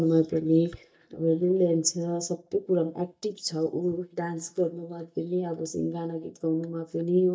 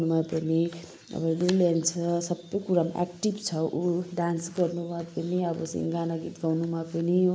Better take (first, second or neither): second